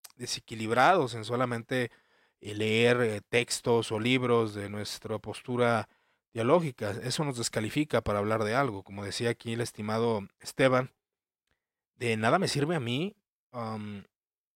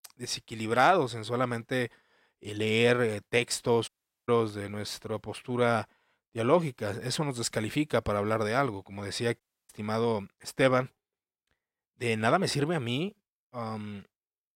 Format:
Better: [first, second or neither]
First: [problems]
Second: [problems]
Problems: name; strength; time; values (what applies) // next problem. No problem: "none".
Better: first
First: none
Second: audio cutting out; at 4 s and at 9.5 s